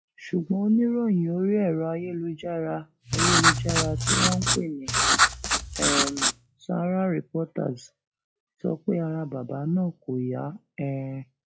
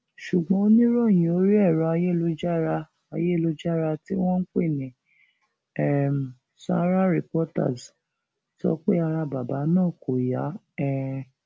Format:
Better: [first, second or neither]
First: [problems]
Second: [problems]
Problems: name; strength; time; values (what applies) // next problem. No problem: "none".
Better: second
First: noise reduction (classical method log-MMSE)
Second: none